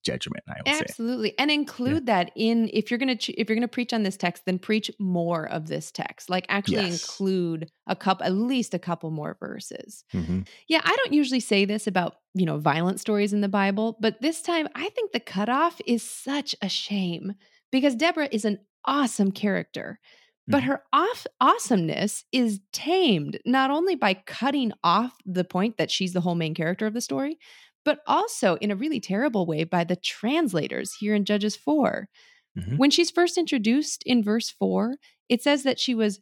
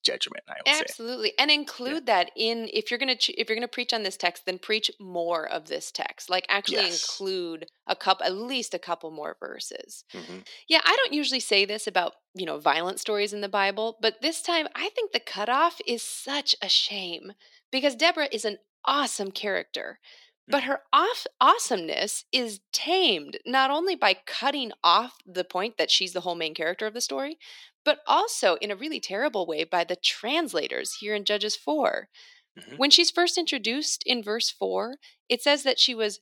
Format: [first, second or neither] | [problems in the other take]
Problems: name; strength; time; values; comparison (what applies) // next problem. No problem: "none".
first | thin; somewhat; fading below 400 Hz